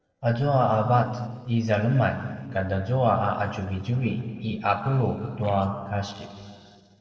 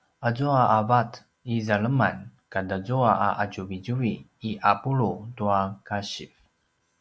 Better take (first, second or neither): second